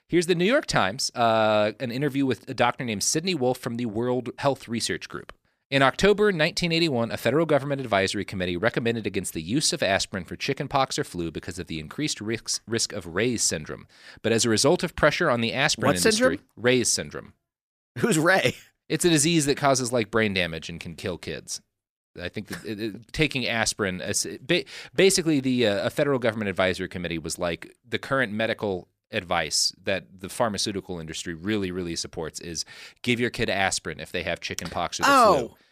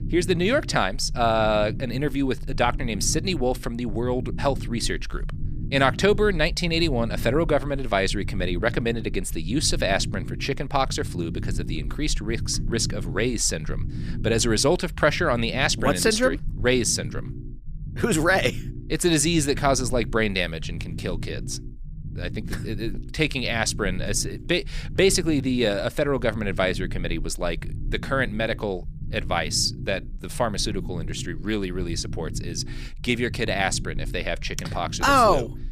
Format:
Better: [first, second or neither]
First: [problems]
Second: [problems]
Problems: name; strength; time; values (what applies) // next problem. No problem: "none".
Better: first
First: none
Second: low rumble; faint; throughout; 20 dB below the speech